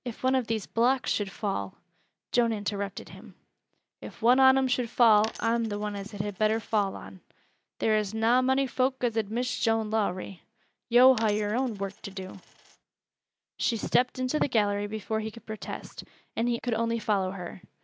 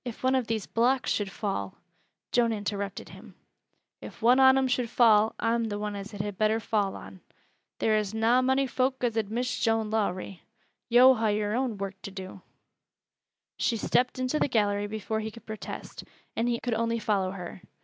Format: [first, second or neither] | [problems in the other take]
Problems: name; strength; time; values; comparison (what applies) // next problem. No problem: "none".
second | background sound (Coin (dropping)); 19 dB below the speech